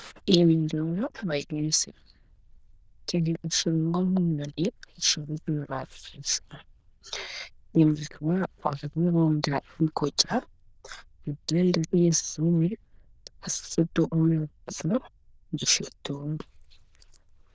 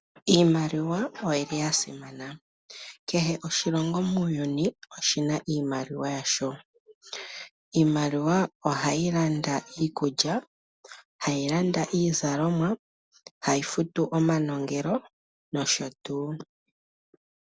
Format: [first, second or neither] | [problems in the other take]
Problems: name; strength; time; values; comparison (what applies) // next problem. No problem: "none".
second | noise reduction (neural diffusion model UNIVERSE++)